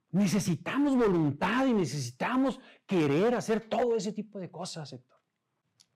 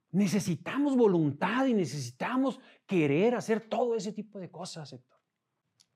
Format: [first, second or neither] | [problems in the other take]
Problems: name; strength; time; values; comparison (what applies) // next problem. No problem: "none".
second | distortion; slight; 9% of the sound clipped